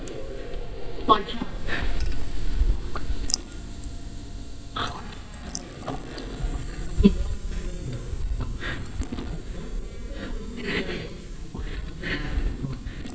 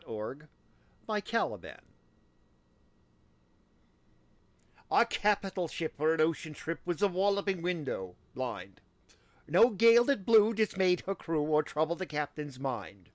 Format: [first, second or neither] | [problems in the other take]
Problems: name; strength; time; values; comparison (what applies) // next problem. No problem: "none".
second | noise reduction (neural mask model DeepFilterNet 3)